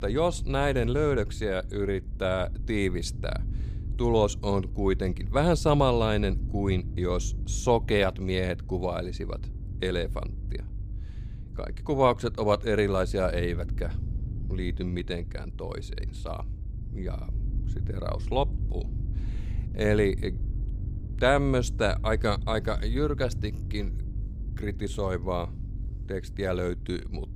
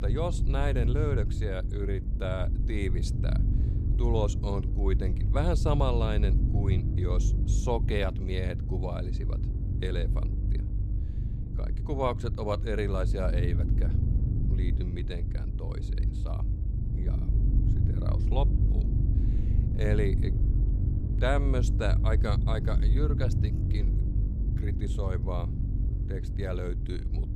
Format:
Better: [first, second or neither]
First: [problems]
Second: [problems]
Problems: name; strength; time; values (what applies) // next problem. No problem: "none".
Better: first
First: low rumble; faint; throughout; 20 dB below the speech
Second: low rumble; loud; throughout; 8 dB below the speech